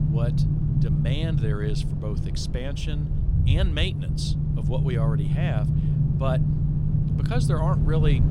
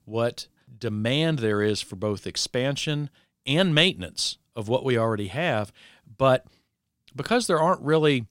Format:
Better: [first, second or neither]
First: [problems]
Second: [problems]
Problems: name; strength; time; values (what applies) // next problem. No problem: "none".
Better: second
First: low rumble; loud; throughout; 2 dB below the speech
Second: none